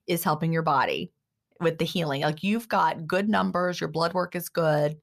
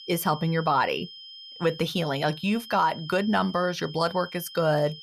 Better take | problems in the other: first | high-pitched whine; noticeable; throughout; 3 kHz, 15 dB below the speech

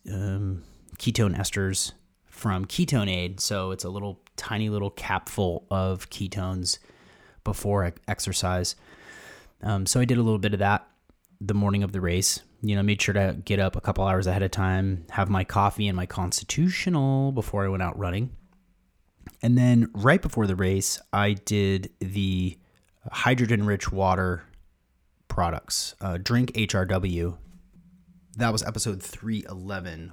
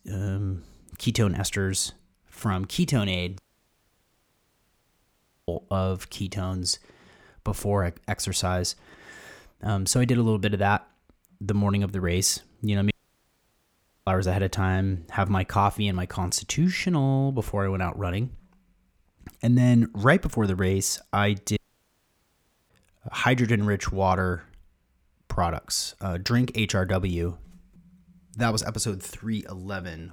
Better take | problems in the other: first | audio cutting out; at 3.5 s for 2 s, at 13 s for 1 s and at 22 s for 1 s

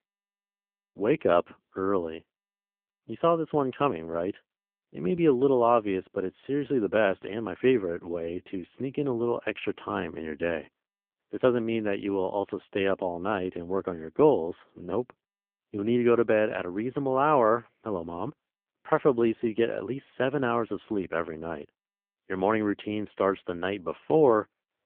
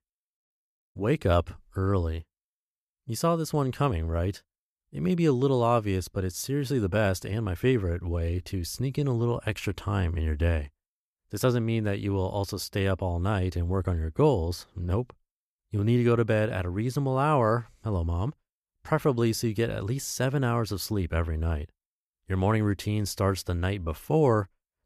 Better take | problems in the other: second | phone-call audio; poor line

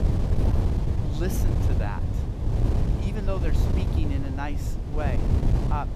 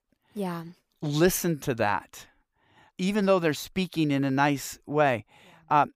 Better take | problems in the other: second | wind noise on the microphone; heavy; as loud as the speech

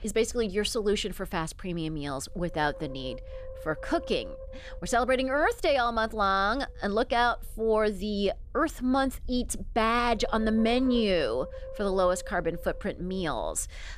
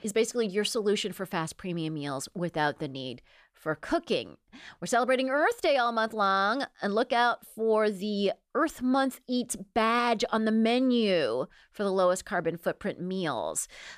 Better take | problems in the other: second | wind noise on the microphone; occasional gusts; 15 dB below the speech

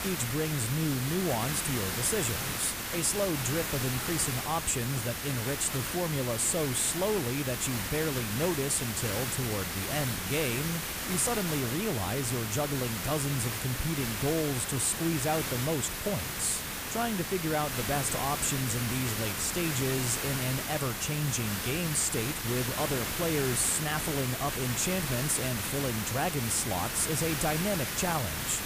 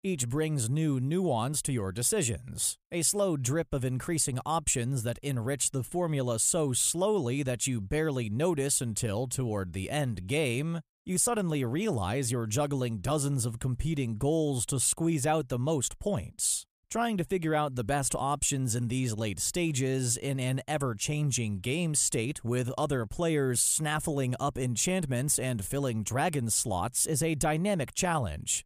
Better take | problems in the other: second | hiss; loud; throughout; 2 dB below the speech

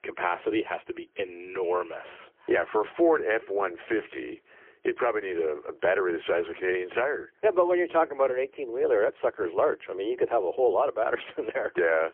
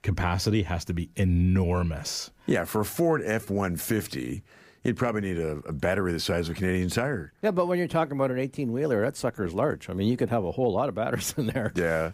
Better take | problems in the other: second | phone-call audio; poor line; nothing above 3.5 kHz

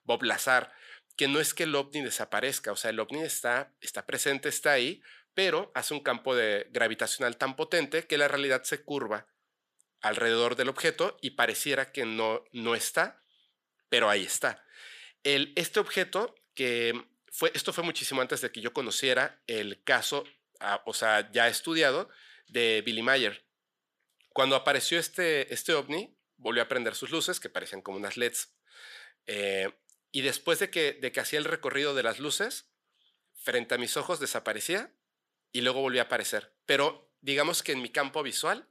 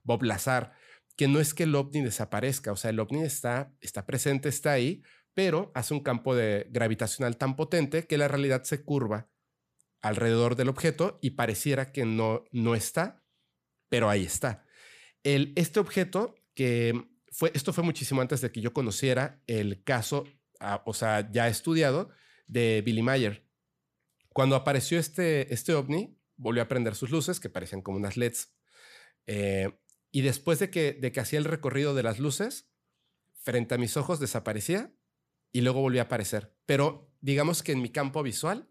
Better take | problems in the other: second | thin; somewhat; fading below 400 Hz

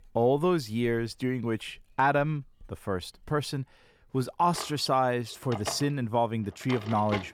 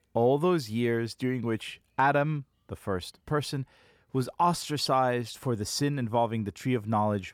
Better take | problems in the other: second | household noises; noticeable; throughout; 10 dB below the speech

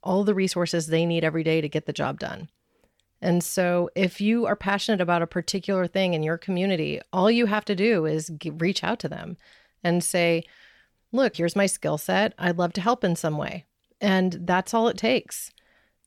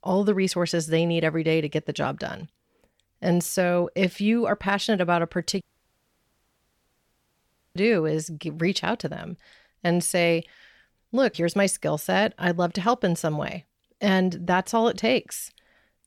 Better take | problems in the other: first | audio cutting out; at 5.5 s for 2 s

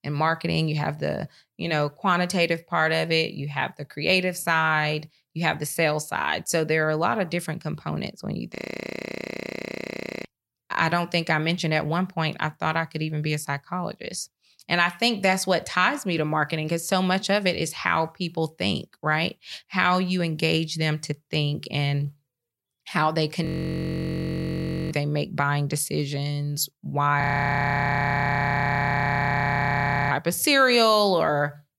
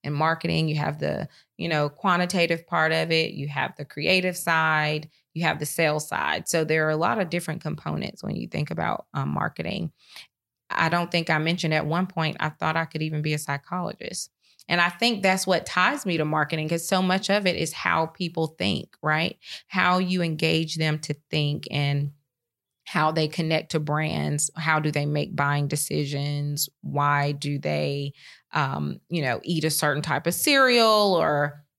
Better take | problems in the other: second | audio freezing; at 8.5 s for 1.5 s, at 23 s for 1.5 s and at 27 s for 3 s

